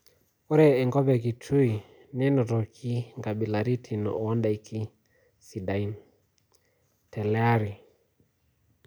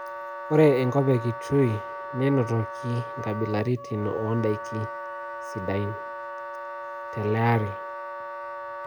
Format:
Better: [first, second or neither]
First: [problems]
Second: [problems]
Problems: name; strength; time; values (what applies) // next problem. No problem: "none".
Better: first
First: none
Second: background sound (Wind instrument, woodwind instrument); 9 dB below the speech